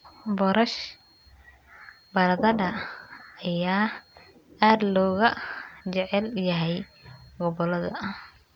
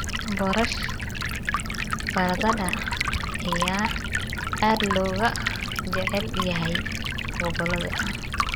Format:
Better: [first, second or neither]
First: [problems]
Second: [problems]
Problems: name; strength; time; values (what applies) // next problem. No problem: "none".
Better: first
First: none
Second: background sound (Stream); 1 dB above the speech